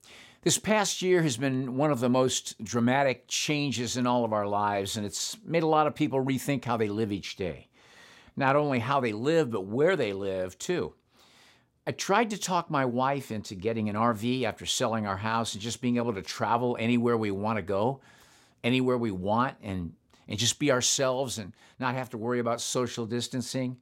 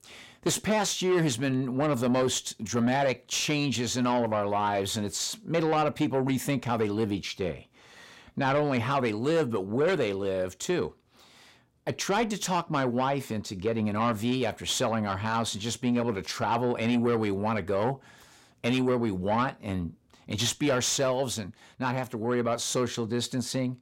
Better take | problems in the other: first | distortion; slight; 10 dB below the speech

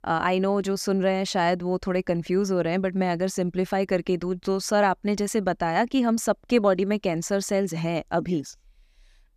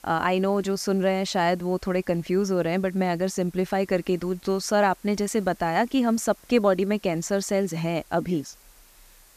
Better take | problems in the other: first | hiss; faint; throughout; 30 dB below the speech

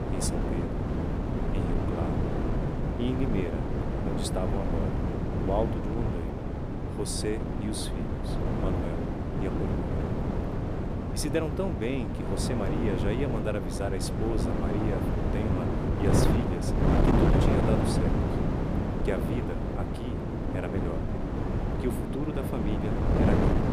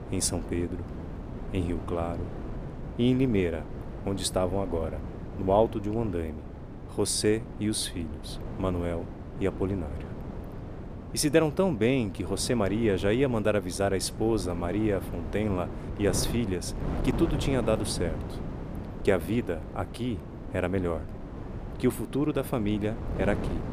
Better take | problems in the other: second | wind noise on the microphone; heavy; 2 dB above the speech; occasional gusts in the second

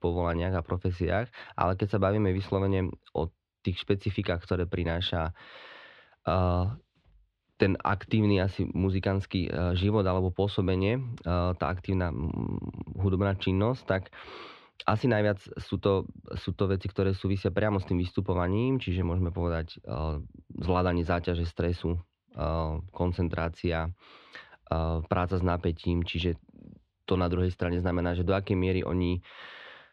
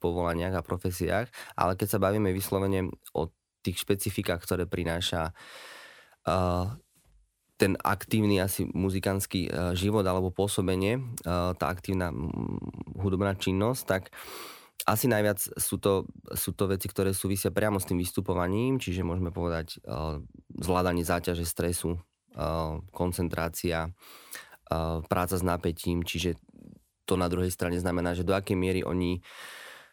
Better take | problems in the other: second | muffled; very slightly; fading above 3.5 kHz

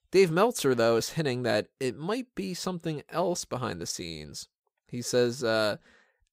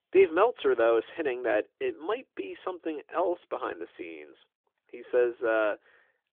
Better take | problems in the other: first | phone-call audio; nothing above 3.5 kHz

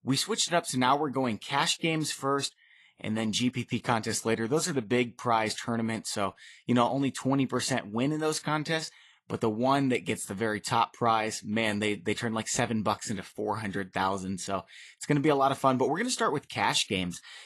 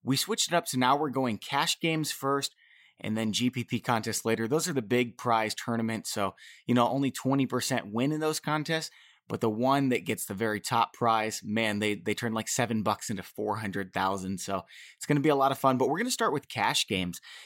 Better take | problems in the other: second | garbled, watery; slightly; nothing above 11.5 kHz

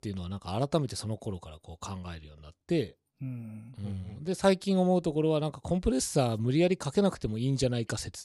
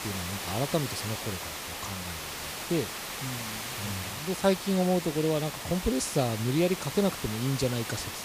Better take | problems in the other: first | hiss; loud; throughout; 5 dB below the speech

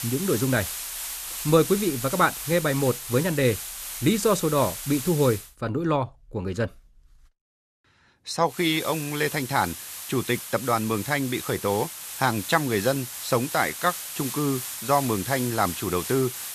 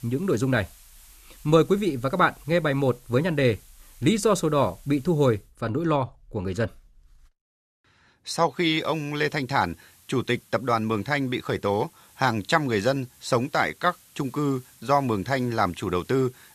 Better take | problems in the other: second | hiss; loud; until 5.5 s and from 8.5 s on; 7 dB below the speech; faint in the second

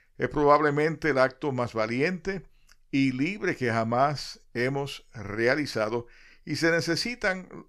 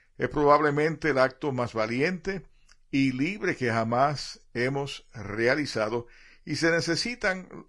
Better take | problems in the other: first | garbled, watery; slightly; nothing above 10.5 kHz

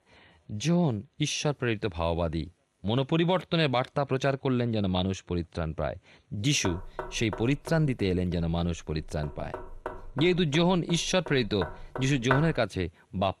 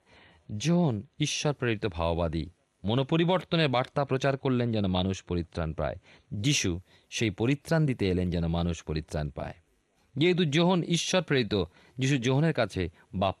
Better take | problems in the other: second | door banging; noticeable; from 6.5 to 13 s; peak 3 dB below the speech

